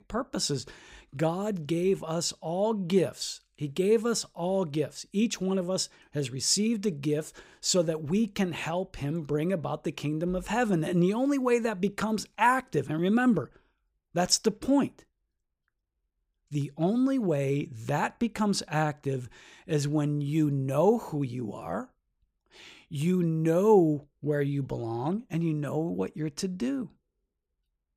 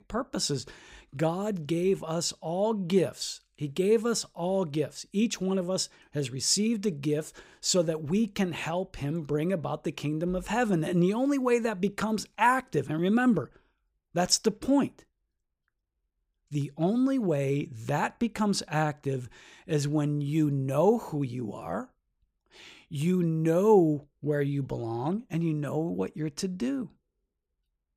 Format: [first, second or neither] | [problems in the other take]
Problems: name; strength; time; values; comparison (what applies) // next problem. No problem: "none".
neither | none